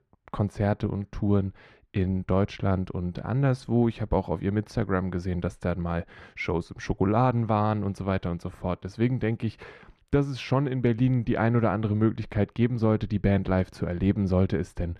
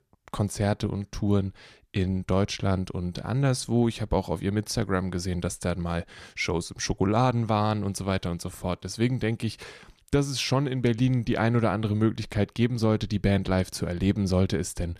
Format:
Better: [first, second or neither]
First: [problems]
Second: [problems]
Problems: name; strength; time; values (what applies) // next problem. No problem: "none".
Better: second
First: muffled; slightly; fading above 4 kHz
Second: none